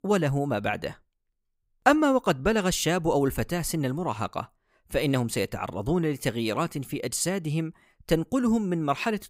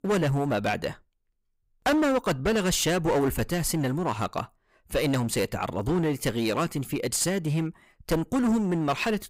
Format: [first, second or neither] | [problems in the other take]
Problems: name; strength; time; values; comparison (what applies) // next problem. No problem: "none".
first | distortion; heavy; 12% of the sound clipped